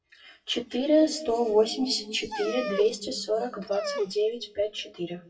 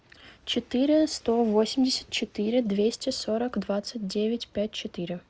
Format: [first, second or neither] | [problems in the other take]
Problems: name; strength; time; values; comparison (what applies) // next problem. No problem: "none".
second | noise reduction (classical method WPE with log-MMSE)